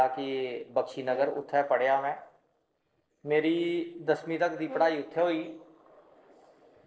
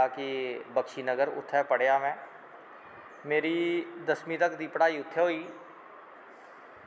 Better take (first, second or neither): second